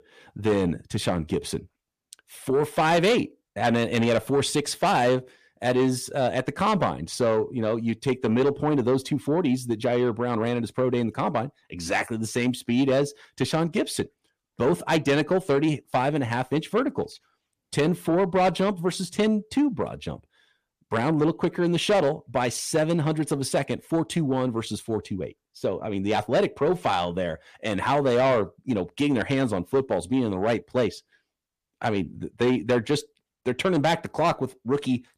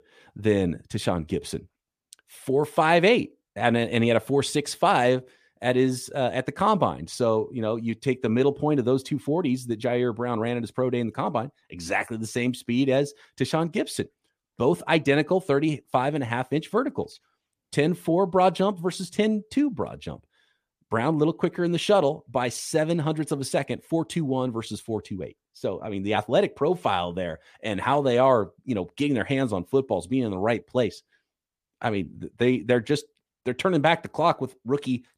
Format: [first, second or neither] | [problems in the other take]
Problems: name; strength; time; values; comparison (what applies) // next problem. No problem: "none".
second | distortion; slight; 10 dB below the speech